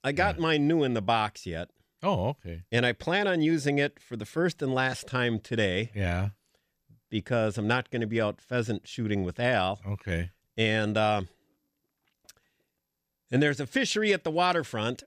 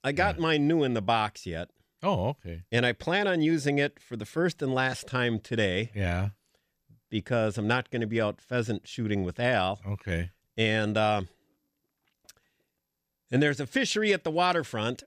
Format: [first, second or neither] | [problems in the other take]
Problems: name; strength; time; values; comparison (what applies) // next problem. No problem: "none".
neither | none